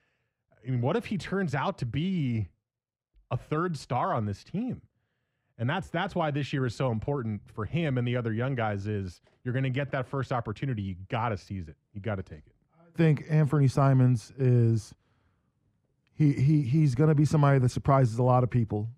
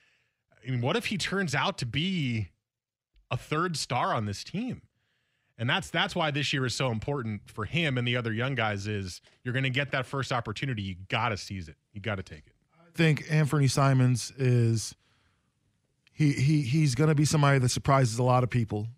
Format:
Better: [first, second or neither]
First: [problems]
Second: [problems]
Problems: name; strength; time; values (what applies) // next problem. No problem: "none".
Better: second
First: muffled; slightly; fading above 1.5 kHz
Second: none